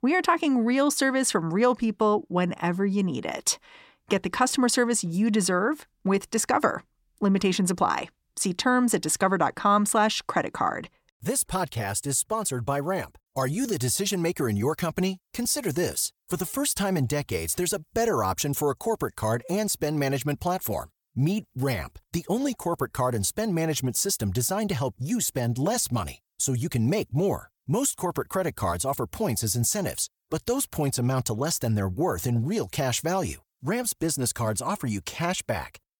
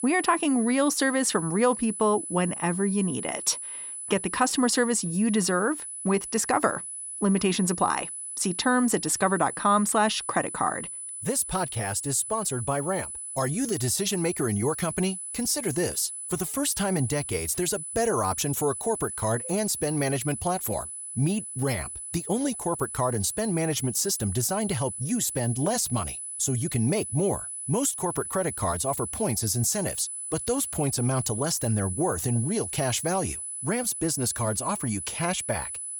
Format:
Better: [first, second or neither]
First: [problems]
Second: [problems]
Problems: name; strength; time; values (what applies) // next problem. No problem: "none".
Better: first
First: none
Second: high-pitched whine; loud; throughout; 10 kHz, 7 dB below the speech